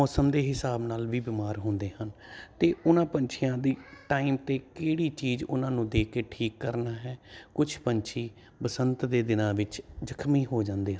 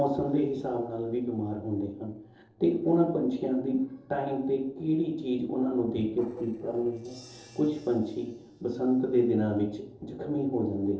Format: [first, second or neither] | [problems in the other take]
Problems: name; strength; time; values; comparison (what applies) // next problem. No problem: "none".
first | noise reduction (neural separator model SepFormer DNS4)